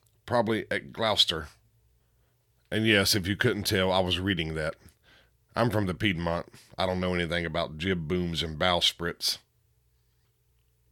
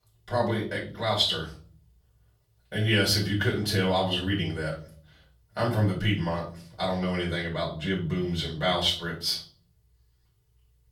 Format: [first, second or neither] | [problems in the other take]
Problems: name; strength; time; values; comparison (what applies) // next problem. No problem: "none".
first | off-mic speech; far // room echo; slight; dies away in 0.4 s